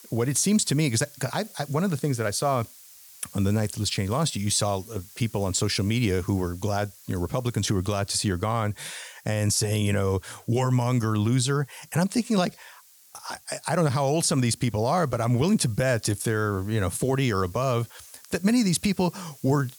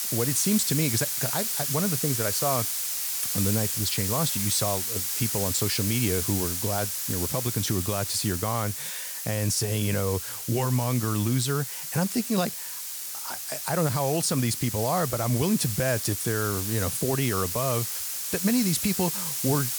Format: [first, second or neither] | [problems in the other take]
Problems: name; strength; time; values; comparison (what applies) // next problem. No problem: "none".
first | hiss; loud; throughout; 1 dB below the speech; faint in the first